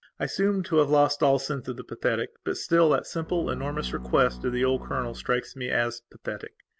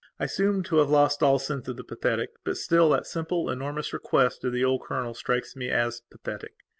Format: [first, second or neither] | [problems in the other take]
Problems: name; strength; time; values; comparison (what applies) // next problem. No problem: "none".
second | background sound (Bowed string instrument); 13 dB below the speech